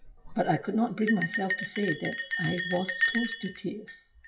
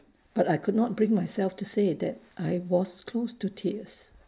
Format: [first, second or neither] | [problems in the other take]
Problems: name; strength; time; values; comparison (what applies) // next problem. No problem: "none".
second | noise reduction (classical method WPE with log-MMSE)